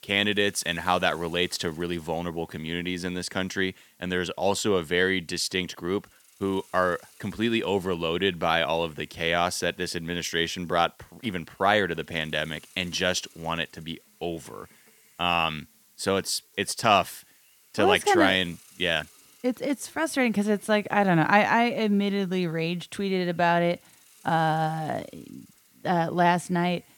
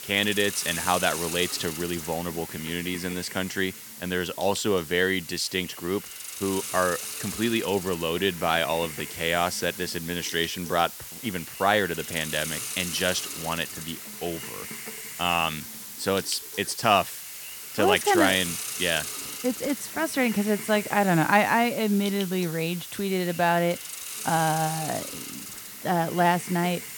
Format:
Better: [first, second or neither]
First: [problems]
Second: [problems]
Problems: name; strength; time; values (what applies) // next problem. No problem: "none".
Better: first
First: hiss; faint; throughout; 30 dB below the speech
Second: hiss; loud; throughout; 8 dB below the speech